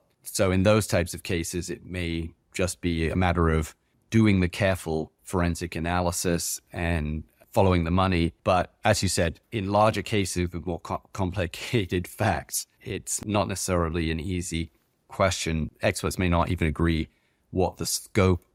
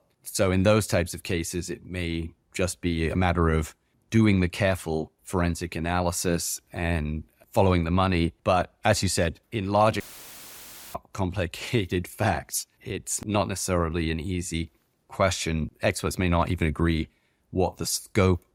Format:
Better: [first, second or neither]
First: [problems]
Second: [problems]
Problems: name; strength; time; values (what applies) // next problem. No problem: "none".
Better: first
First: none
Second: audio cutting out; filled with static; at 10 s for 1 s